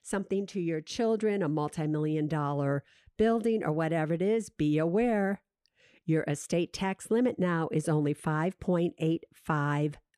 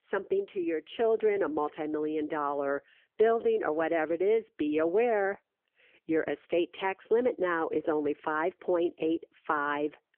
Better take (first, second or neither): first